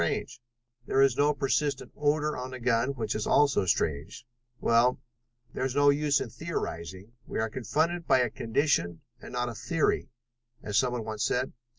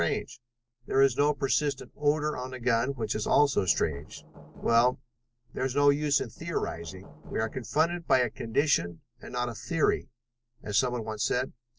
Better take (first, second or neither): first